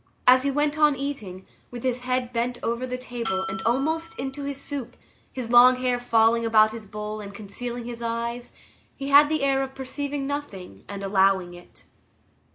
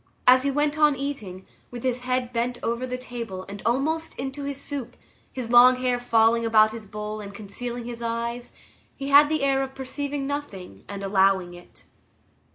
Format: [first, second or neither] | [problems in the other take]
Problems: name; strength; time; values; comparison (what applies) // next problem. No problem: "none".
second | background sound (Bell); 10 dB below the speech